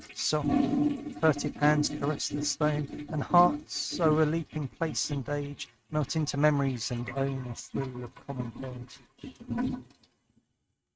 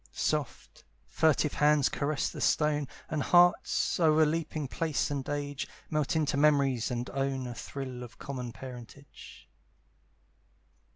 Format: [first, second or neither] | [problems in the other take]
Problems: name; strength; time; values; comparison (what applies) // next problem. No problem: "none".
second | noise reduction (neural mask model RNNoise)